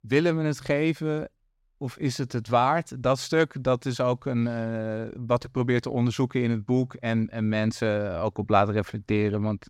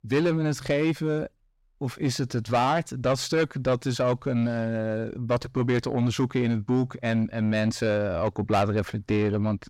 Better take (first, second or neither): first